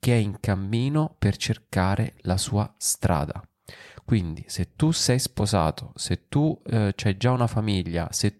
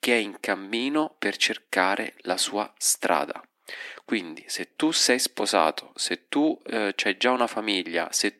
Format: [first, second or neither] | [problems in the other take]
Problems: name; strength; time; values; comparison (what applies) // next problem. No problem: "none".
first | thin; somewhat; fading below 250 Hz